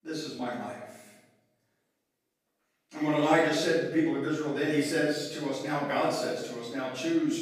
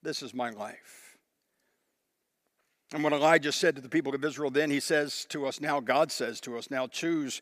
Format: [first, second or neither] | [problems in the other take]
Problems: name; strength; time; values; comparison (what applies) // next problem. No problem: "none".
second | off-mic speech; far // room echo; strong; dies away in 1 s